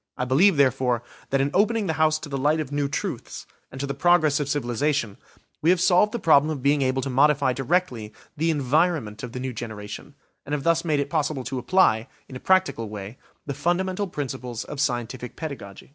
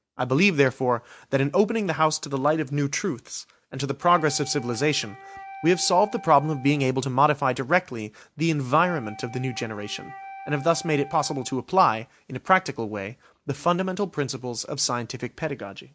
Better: first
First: none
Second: background sound (Wind instrument, woodwind instrument); 17 dB below the speech

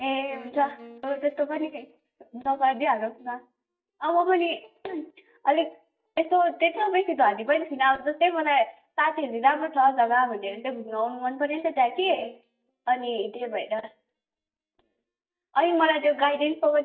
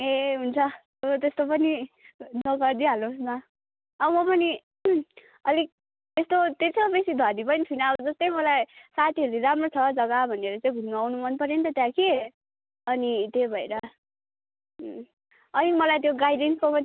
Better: second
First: noise reduction (neural mask model DeepFilterNet 3)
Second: none

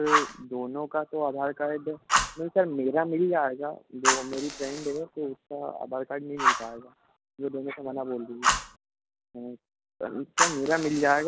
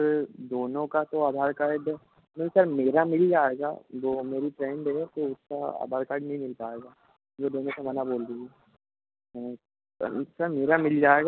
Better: second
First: background sound (Fire); 2 dB below the speech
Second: none

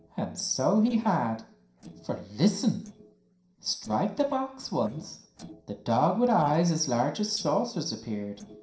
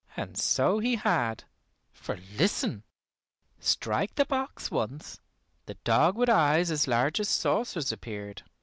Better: second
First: noise reduction (neural separator model SepFormer DNS4)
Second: none

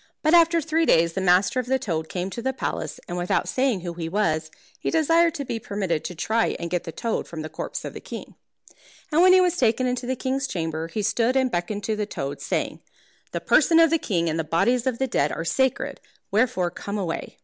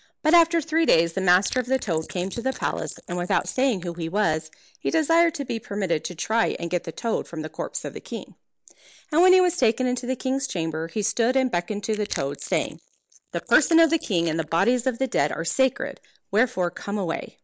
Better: first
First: none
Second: noise reduction (neural mask model Resemble Enhance denoiser)

